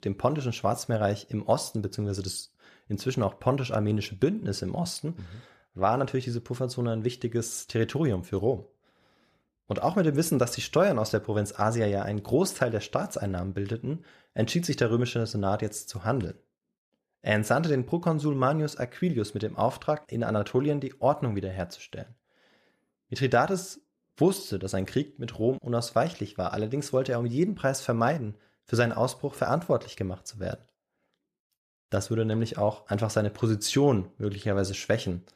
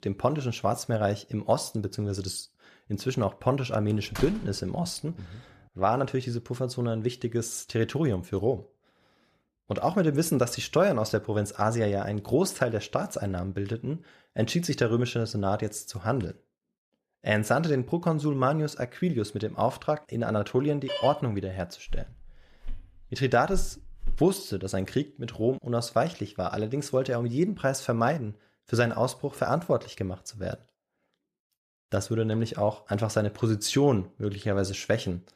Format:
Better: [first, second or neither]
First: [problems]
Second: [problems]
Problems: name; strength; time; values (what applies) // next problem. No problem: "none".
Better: first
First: none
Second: door banging; noticeable; at 4 s; peak 9 dB below the speech // phone ringing; noticeable; at 21 s; peak 5 dB below the speech // footsteps; faint; from 22 to 24 s; peak 10 dB below the speech